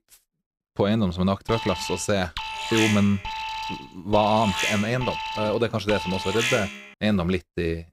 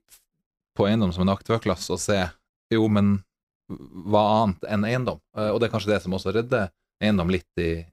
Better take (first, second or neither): second